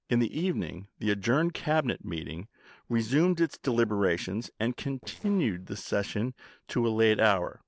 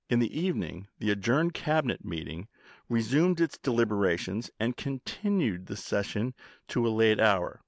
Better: second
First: noise reduction (neural separator model SepFormer DNS4)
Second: none

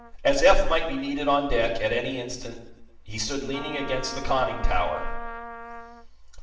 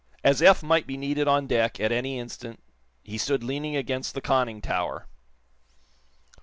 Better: second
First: background sound (Trumpet); 16 dB below the speech // room echo; dies away in 0.8 s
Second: none

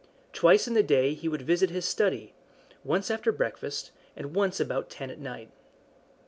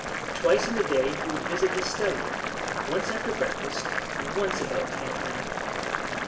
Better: first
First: none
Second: background sound (Boiling); as loud as the speech // room echo; dies away in 0.8 s

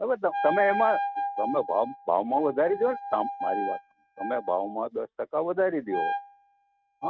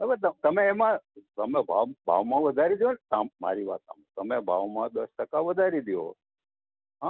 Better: second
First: noise reduction (neural mask model RNNoise)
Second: none

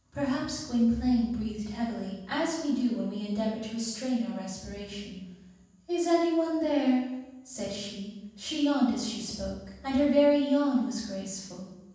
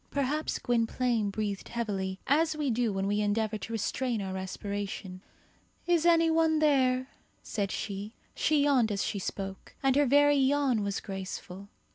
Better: second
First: room echo; dies away in 1.2 s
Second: none

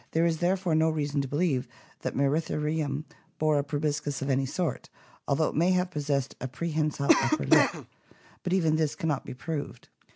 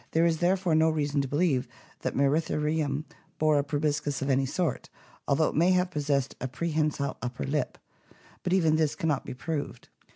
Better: second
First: background sound (Cough); 2 dB above the speech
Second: none

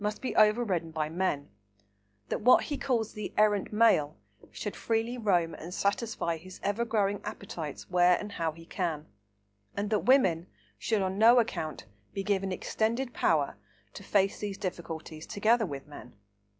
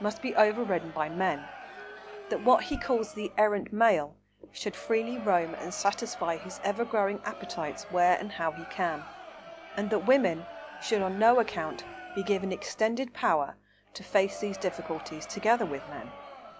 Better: first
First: none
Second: background sound (Crowd); 15 dB below the speech

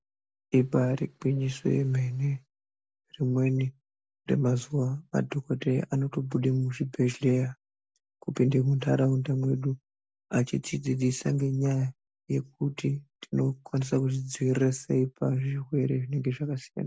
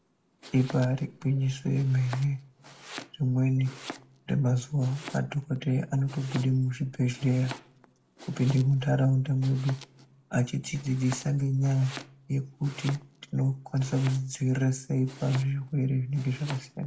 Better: first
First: none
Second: background sound (Domestic sounds, home sounds); 19 dB below the speech // room echo; dies away in 0.3 s

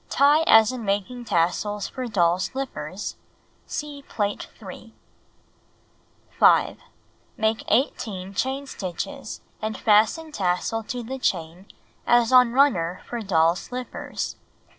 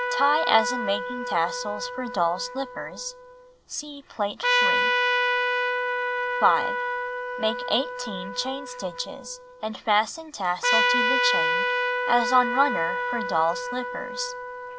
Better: first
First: none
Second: background sound (Trumpet); 1 dB above the speech

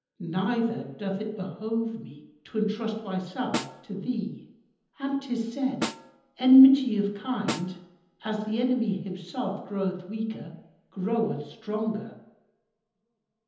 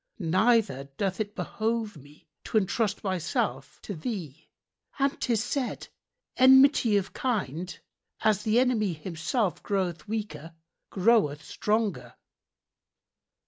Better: second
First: background sound (Snare drum); 10 dB below the speech // room echo; dies away in 0.9 s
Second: none

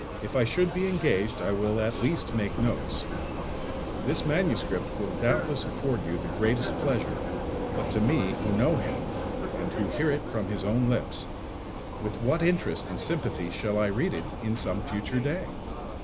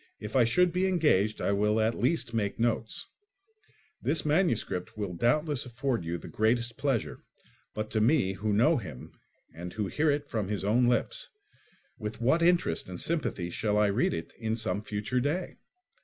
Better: second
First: background sound (Vehicle); 4 dB below the speech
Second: none

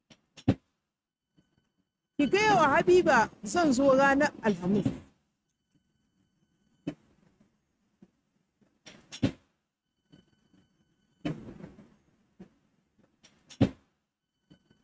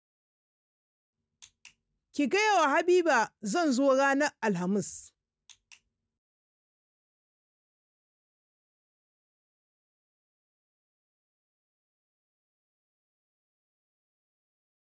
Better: second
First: noise reduction (neural mask model RNNoise)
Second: none

